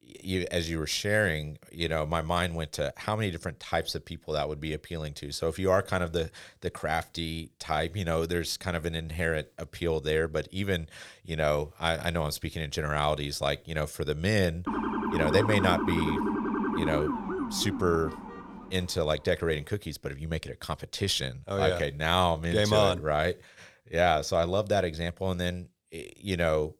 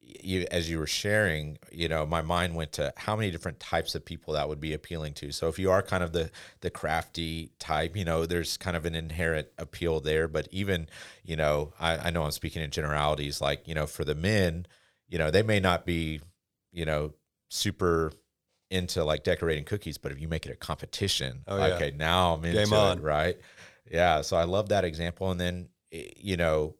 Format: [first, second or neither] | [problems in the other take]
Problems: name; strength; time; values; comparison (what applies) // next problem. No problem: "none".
second | siren; loud; from 15 to 19 s; peak level with the speech